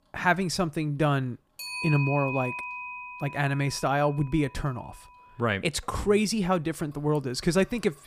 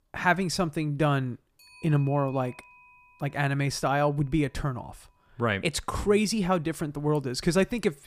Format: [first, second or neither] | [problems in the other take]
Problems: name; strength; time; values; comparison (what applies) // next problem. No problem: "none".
second | household noises; loud; throughout; 8 dB below the speech; faint in the second